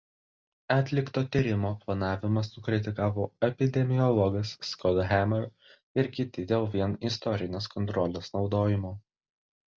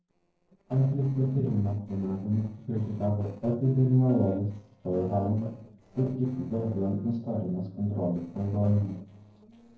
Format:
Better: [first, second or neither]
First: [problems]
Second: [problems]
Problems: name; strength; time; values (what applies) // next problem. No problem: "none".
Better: first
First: none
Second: noise reduction (neural separator model SepFormer DNS4)